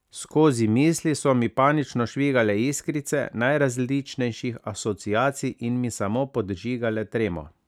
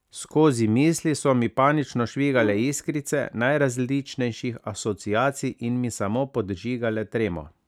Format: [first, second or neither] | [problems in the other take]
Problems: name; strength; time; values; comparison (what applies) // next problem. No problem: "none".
first | background sound (Brass instrument); 12 dB below the speech